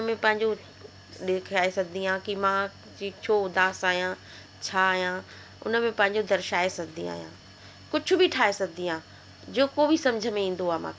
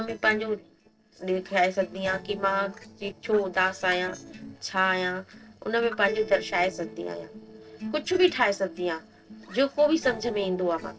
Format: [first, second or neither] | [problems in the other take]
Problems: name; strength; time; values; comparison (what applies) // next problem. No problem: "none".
first | noise reduction (neural separator model SepFormer DNS4)